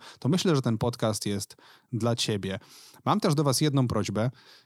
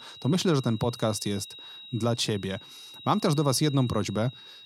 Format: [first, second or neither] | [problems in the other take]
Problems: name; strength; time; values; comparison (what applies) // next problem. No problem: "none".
first | high-pitched whine; noticeable; throughout; 4 kHz, 15 dB below the speech